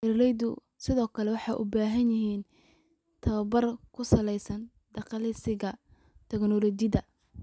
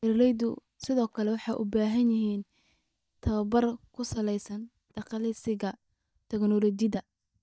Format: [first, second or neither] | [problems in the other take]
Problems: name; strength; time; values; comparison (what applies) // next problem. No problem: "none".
first | noise reduction (neural mask model DeepFilterNet 3)